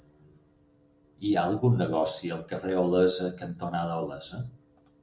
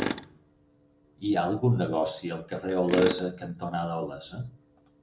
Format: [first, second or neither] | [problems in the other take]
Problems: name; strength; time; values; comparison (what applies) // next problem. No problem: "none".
first | background sound (Tools); 9 dB below the speech